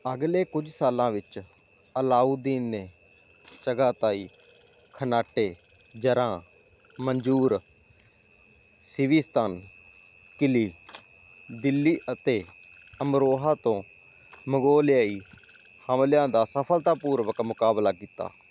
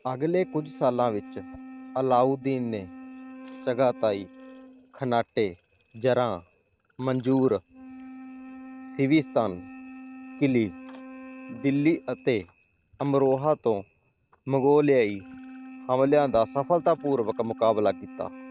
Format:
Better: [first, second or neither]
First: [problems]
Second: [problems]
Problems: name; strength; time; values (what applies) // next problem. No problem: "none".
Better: first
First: none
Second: noise reduction (neural mask model RNNoise)